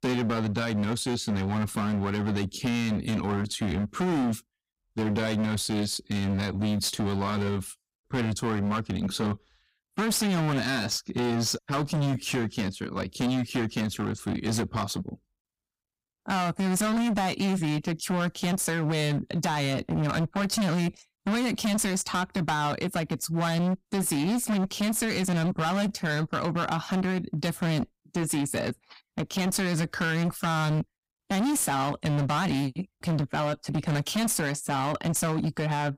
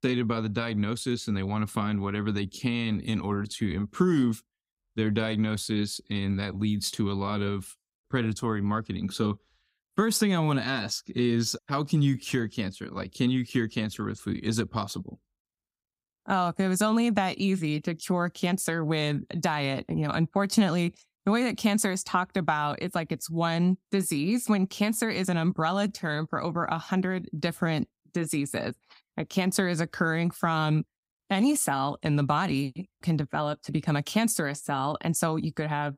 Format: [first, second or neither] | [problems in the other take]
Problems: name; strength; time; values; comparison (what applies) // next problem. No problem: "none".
second | distortion; heavy; 25% of the sound clipped